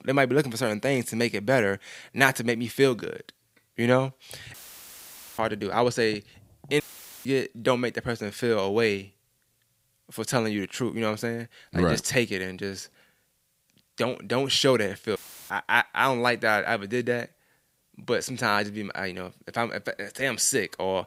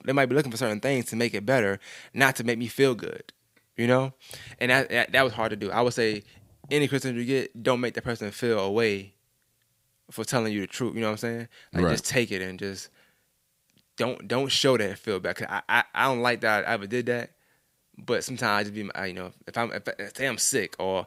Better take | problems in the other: second | audio cutting out; filled with static; at 4.5 s for 1 s, at 7 s and at 15 s

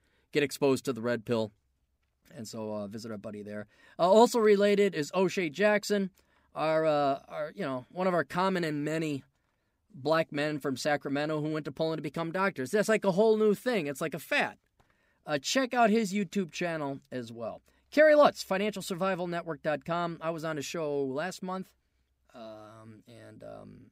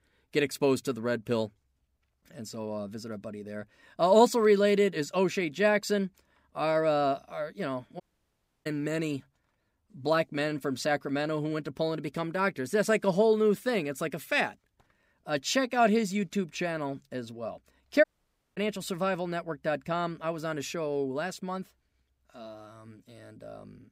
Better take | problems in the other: first | audio cutting out; at 8 s for 0.5 s and at 18 s for 0.5 s

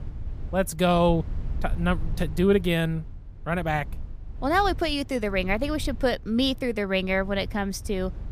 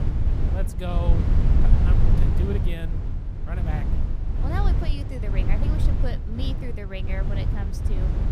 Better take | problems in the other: first | low rumble; loud; throughout; 1 dB below the speech; faint in the first

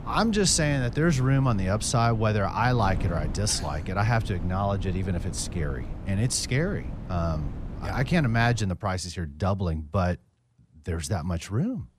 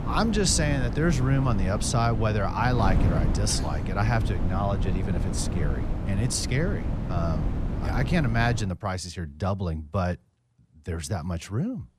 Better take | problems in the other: first | wind noise on the microphone; heavy; until 8.5 s; 8 dB below the speech; occasional gusts in the first

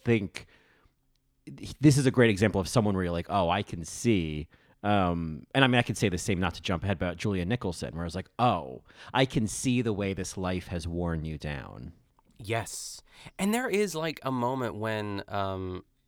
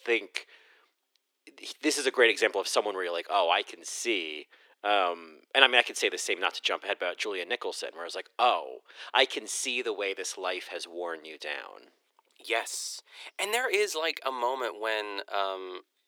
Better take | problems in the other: first | thin; very; fading below 350 Hz

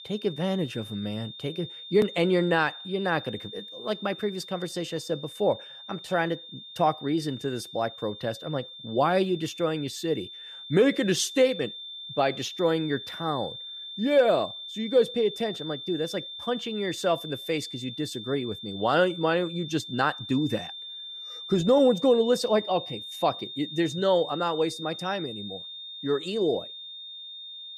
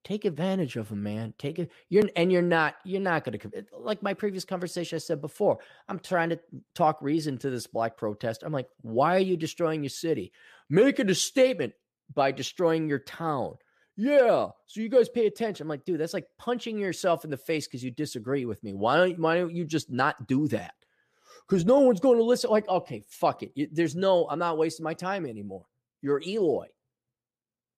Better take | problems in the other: second | high-pitched whine; noticeable; throughout; 3.5 kHz, 10 dB below the speech

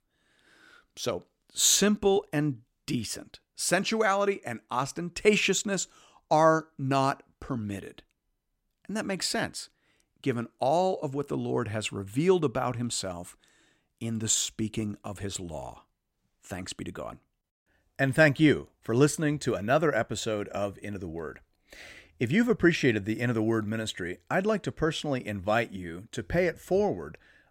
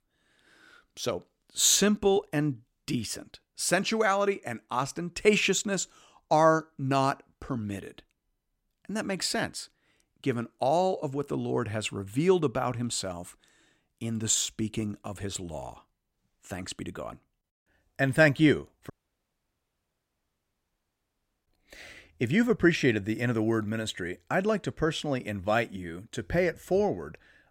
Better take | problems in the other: first | audio cutting out; at 19 s for 2.5 s

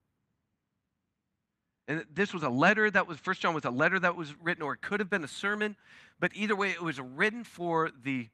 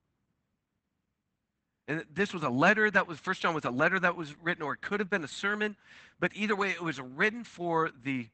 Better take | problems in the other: first | garbled, watery; badly; nothing above 8 kHz; slightly in the first

